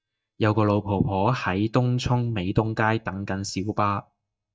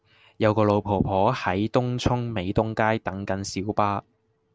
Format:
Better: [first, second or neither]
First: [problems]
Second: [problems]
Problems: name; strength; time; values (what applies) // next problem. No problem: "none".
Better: second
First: noise reduction (neural mask model DeepFilterNet 3)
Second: none